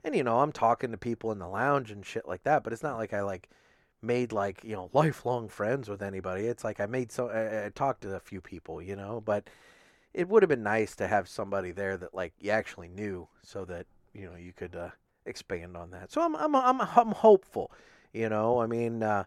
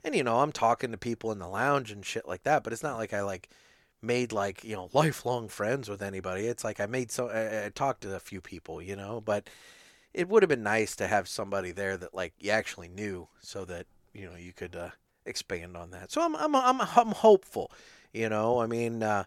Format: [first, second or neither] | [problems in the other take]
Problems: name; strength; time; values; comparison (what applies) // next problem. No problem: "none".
second | muffled; slightly; fading above 2.5 kHz